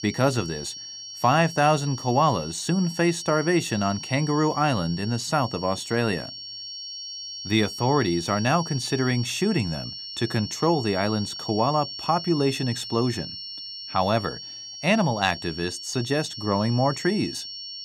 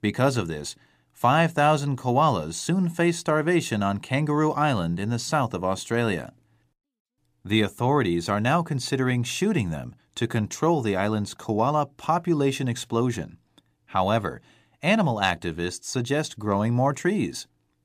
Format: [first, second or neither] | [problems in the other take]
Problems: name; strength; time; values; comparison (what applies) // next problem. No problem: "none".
second | high-pitched whine; loud; throughout; 5.5 kHz, 9 dB below the speech